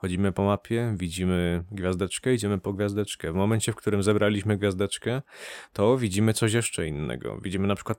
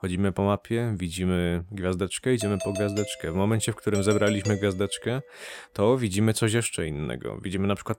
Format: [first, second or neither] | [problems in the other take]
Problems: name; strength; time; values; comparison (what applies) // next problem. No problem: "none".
first | doorbell; noticeable; from 2.5 to 5 s; peak 7 dB below the speech